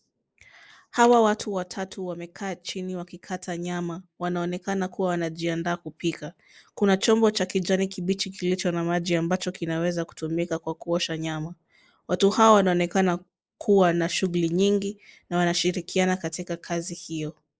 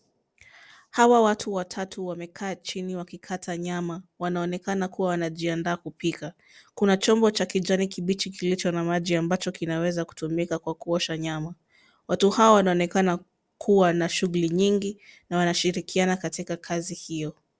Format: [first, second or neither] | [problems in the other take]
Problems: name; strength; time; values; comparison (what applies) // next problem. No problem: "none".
second | noise reduction (neural mask model Resemble Enhance denoiser)